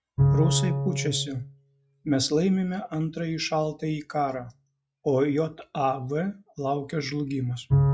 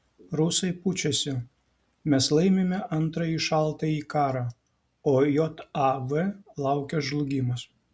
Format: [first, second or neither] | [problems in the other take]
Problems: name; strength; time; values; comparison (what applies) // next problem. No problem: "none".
second | noise reduction (classical method log-MMSE)